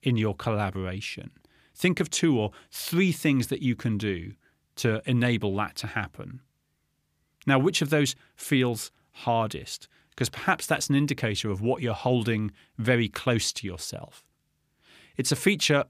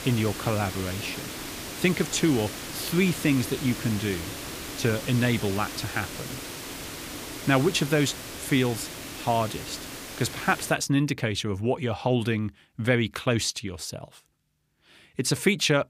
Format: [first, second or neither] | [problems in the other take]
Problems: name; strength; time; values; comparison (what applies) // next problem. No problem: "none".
first | hiss; loud; until 11 s; 9 dB below the speech